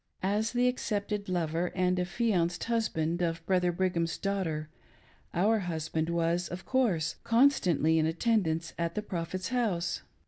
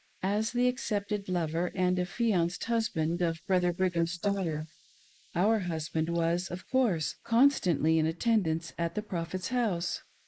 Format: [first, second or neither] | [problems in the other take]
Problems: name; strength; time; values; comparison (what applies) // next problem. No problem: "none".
first | noise reduction (neural mask model Resemble Enhance denoiser)